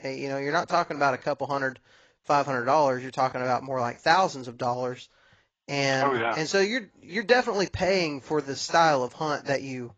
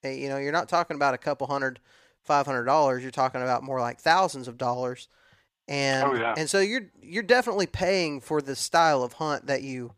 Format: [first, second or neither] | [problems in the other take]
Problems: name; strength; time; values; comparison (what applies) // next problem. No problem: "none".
second | garbled, watery; badly; nothing above 7.5 kHz